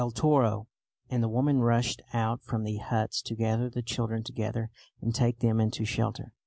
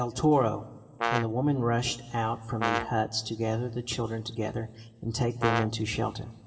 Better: first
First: none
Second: background sound (Brass instrument); 5 dB below the speech // room echo; dies away in 1.4 s

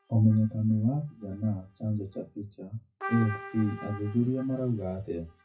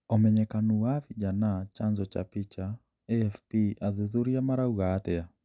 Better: second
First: noise reduction (classical method WPE with log-MMSE)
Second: none

